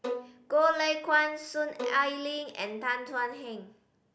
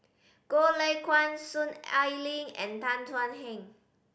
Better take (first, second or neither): second